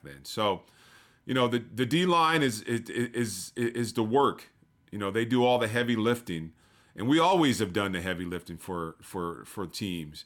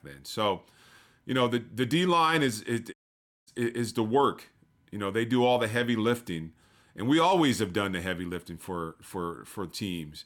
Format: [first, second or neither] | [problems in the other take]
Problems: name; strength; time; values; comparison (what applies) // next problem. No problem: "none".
first | audio cutting out; at 3 s for 0.5 s